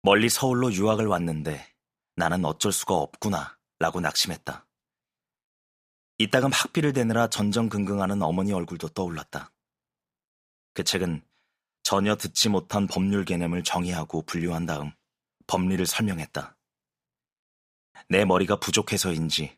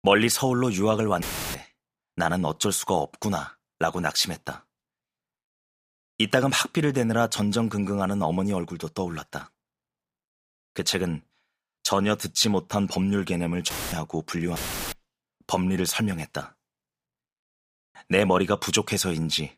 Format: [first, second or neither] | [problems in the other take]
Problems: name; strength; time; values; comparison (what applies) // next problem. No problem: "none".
first | audio cutting out; filled with static; at 1 s, at 14 s and at 15 s